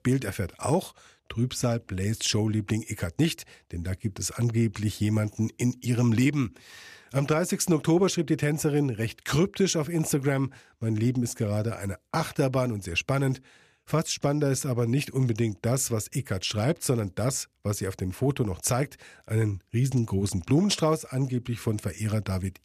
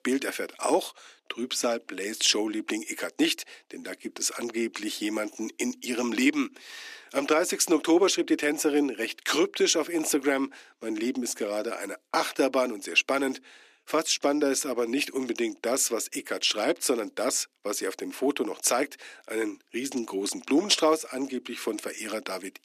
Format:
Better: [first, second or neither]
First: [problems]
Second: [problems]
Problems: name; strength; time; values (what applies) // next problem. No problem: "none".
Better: first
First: none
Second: thin; somewhat; fading below 300 Hz